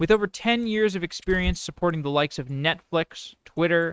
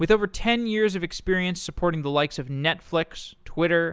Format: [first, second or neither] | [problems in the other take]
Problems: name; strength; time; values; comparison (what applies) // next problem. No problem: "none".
second | noise reduction (neural mask model RNNoise)